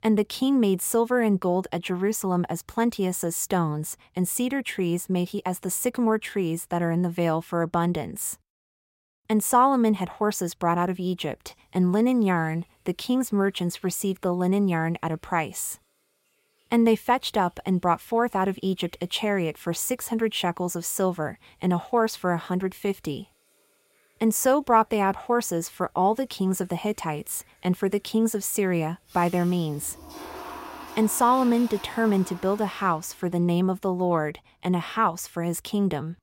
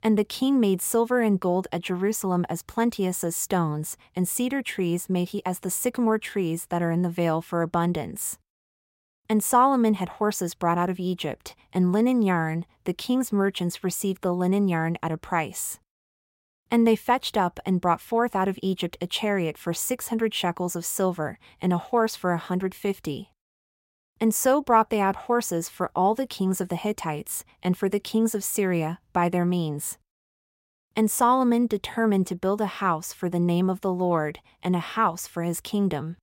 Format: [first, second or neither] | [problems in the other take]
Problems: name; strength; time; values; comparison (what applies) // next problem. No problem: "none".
second | household noises; noticeable; from 11 s on; 20 dB below the speech